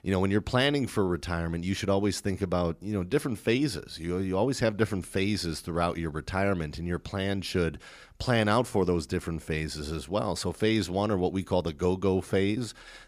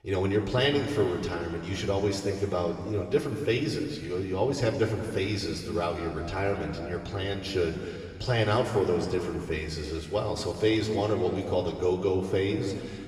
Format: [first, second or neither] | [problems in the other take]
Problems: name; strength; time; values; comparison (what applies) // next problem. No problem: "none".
first | room echo; noticeable; dies away in 2.4 s // off-mic speech; far